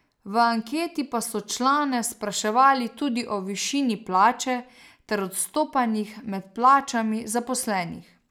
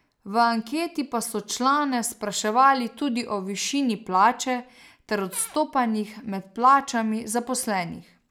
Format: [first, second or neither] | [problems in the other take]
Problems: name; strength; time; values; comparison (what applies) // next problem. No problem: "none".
first | background sound (Cupboard open or close / Door); 19 dB below the speech